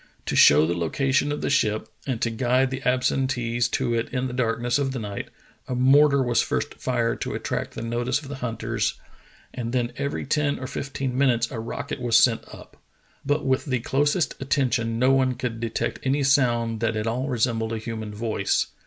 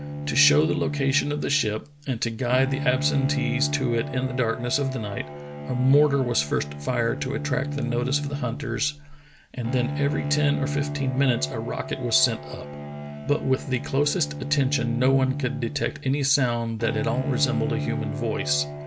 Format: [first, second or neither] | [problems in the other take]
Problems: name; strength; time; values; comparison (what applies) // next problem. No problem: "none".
first | background sound (Bowed string instrument); 6 dB below the speech